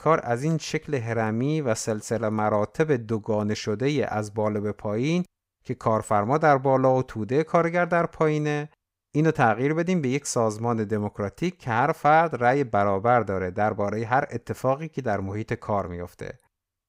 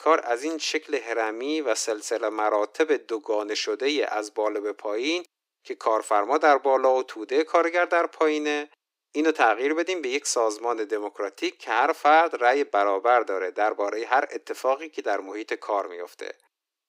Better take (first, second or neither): first